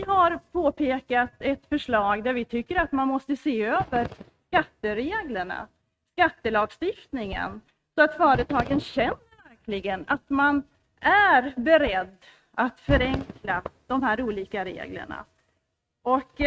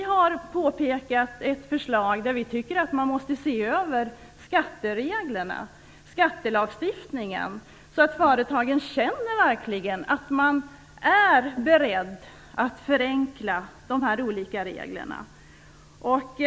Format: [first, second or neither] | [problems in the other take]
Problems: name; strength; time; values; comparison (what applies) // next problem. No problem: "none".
second | noise reduction (neural mask model RNNoise)